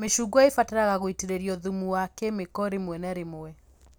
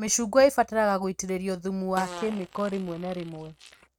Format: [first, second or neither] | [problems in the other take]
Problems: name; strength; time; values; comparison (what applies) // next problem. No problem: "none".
first | noise reduction (neural mask model RNNoise)